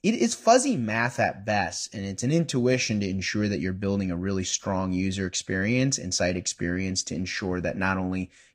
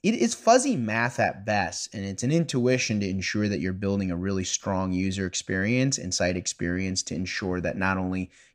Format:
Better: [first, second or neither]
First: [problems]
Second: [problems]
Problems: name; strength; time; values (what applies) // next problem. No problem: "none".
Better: second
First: garbled, watery; slightly; nothing above 15 kHz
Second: none